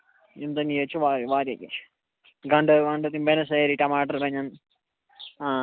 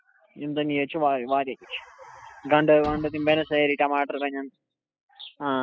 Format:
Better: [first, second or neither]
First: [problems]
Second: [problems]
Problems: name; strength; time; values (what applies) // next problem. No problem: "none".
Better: first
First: none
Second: noise reduction (classical method spectral subtraction)